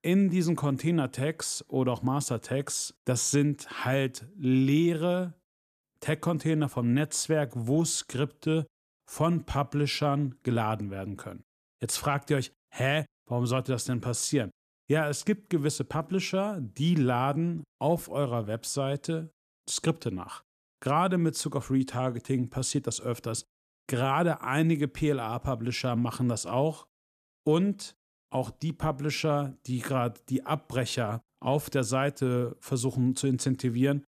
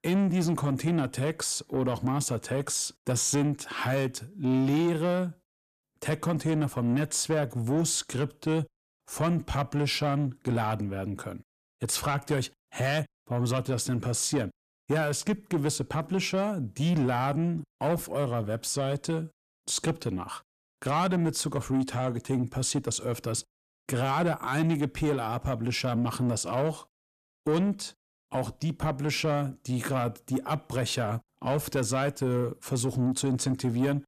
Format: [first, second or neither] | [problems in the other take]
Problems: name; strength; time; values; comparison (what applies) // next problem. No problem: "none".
first | distortion; slight; 10 dB below the speech